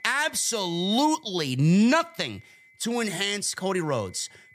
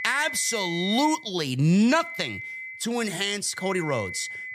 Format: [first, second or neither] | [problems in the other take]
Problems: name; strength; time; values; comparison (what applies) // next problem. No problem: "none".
first | high-pitched whine; loud; until 1 s, at 2 s and at 3.5 s; 2 kHz, 9 dB below the speech; faint in the first